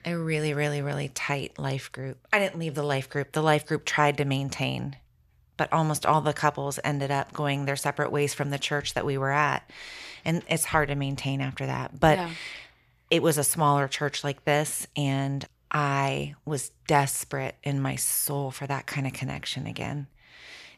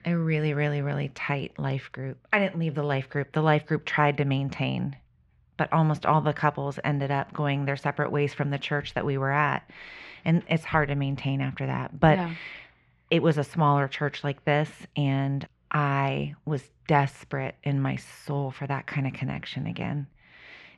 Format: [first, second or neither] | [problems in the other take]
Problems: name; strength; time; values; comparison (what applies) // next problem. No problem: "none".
first | muffled; slightly; fading above 2.5 kHz